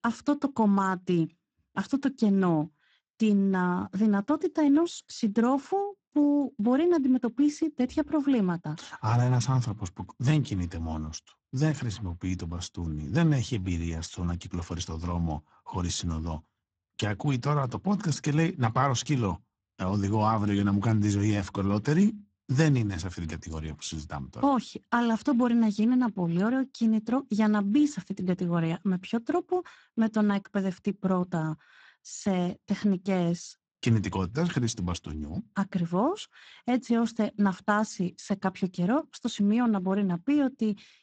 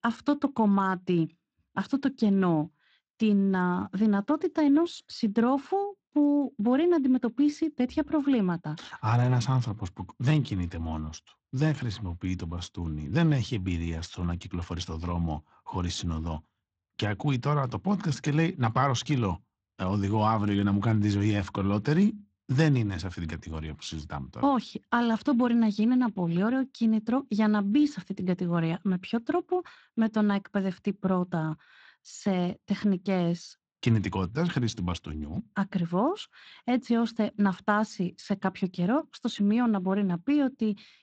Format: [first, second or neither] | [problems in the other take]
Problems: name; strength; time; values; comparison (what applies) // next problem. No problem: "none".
second | garbled, watery; badly; nothing above 8 kHz; slightly in the second